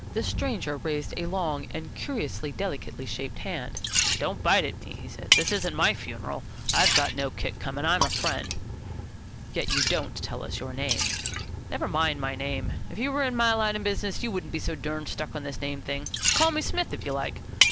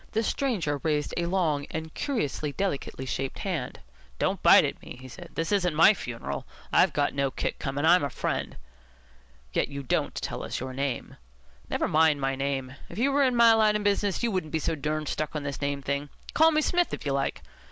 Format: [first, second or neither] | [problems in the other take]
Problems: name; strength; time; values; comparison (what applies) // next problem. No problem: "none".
second | background sound (Liquid); 1 dB below the speech